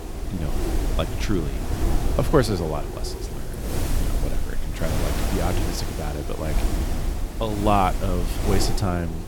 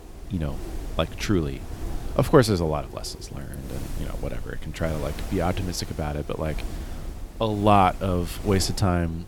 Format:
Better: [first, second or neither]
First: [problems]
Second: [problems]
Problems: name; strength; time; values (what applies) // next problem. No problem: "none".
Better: second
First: wind noise on the microphone; heavy; 6 dB below the speech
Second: wind noise on the microphone; occasional gusts; 20 dB below the speech